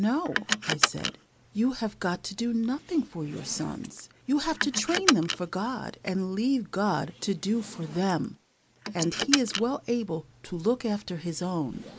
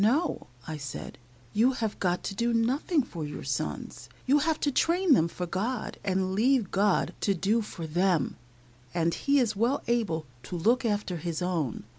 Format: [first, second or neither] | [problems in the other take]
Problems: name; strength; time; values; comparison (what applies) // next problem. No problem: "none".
second | noise reduction (neural mask model Resemble Enhance denoiser)